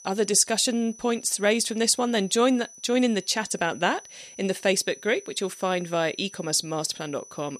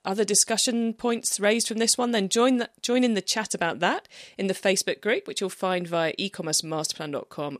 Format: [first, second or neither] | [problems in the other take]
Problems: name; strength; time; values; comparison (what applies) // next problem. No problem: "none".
second | high-pitched whine; noticeable; throughout; 6 kHz, 20 dB below the speech